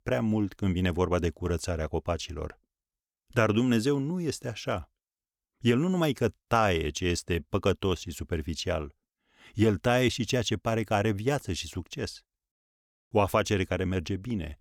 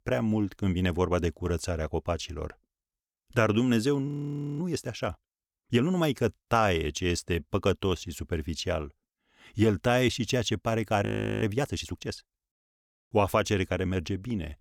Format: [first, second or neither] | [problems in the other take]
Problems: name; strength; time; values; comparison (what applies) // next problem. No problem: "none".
first | audio freezing; at 4 s for 0.5 s and at 11 s